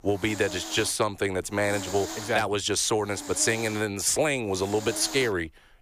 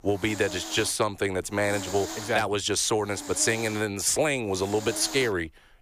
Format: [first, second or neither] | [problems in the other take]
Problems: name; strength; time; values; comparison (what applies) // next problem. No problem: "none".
neither | hiss; noticeable; throughout; 10 dB below the speech; the same in both